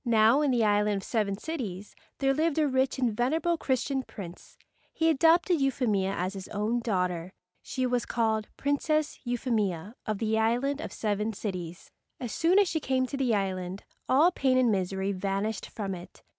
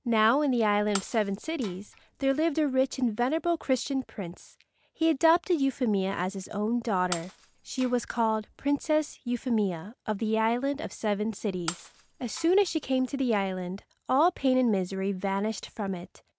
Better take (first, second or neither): first